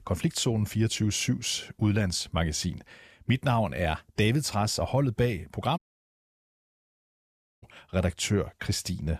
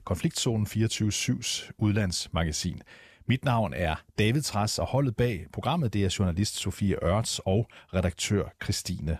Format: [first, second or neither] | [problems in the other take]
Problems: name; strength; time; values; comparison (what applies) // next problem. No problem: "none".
second | audio cutting out; at 6 s for 2 s